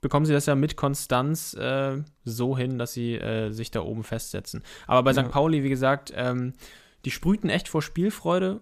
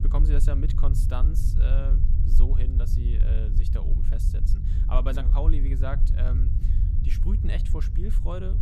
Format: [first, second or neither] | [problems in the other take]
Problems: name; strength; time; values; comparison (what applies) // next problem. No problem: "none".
first | low rumble; loud; throughout; 5 dB below the speech